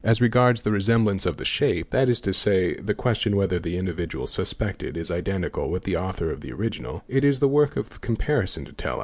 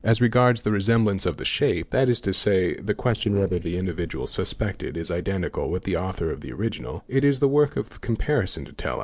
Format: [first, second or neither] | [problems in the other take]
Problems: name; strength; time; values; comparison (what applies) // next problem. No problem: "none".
first | noise reduction (neural separator model SepFormer DNS4)